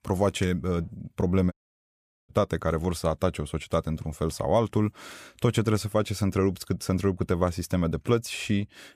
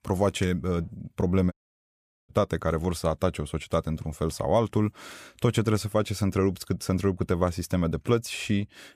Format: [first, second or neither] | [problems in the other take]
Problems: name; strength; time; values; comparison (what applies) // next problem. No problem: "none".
neither | audio cutting out; at 1.5 s for 1 s; the same in both